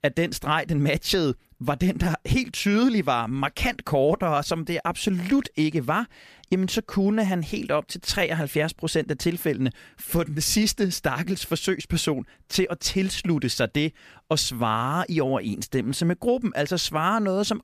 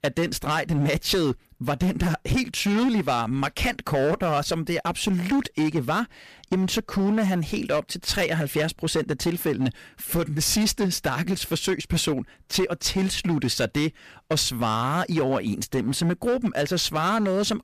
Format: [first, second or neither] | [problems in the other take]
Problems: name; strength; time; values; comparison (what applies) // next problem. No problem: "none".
first | distortion; slight; 11% of the sound clipped